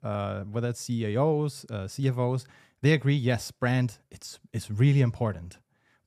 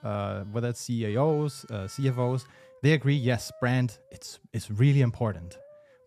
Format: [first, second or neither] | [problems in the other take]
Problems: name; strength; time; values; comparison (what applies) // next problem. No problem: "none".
first | background music; faint; throughout; 25 dB below the speech